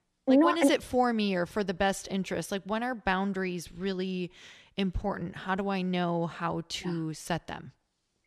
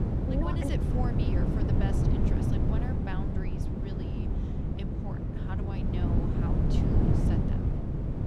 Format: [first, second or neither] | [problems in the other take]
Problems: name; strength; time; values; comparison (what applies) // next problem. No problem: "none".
first | wind noise on the microphone; heavy; 5 dB above the speech